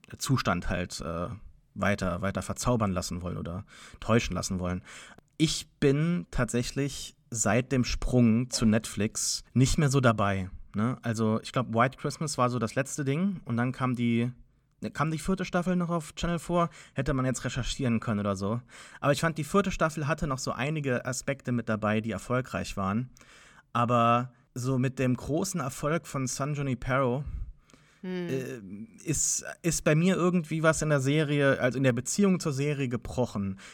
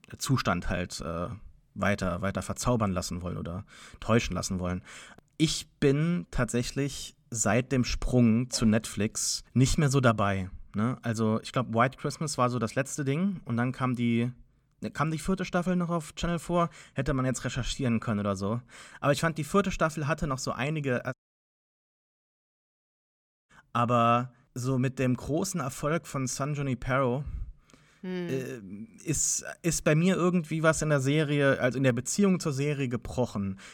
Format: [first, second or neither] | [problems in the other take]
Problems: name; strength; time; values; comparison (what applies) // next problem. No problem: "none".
first | audio cutting out; at 21 s for 2.5 s